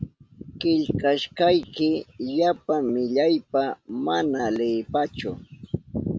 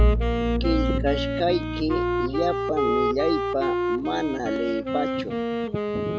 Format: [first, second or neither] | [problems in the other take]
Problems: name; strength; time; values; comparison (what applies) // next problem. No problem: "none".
first | background sound (Wind instrument, woodwind instrument + Bowed string instrument); 3 dB above the speech